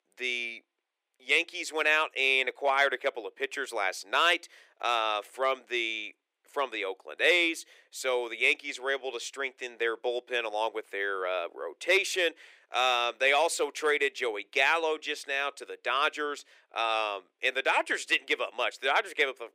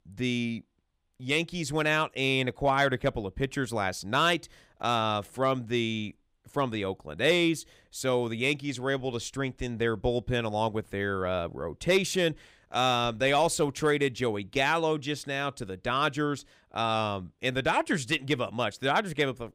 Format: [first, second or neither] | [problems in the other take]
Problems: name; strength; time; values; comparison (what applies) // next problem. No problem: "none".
second | thin; very; fading below 350 Hz